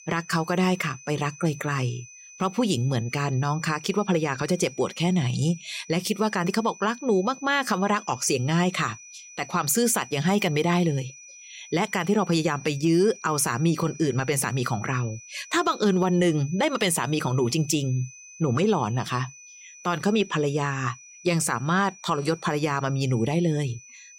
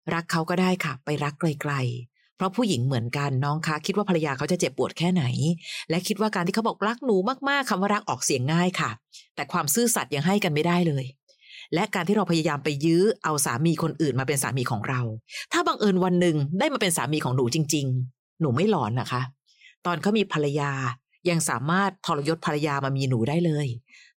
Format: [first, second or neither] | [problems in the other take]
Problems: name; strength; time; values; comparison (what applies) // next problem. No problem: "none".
second | high-pitched whine; noticeable; throughout; 6 kHz, 20 dB below the speech